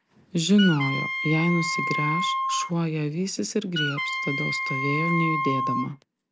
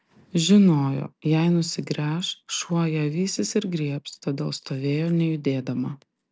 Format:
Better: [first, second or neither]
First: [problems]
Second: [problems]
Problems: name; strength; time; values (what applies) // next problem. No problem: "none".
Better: second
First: background sound (Wind instrument, woodwind instrument); 2 dB below the speech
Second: none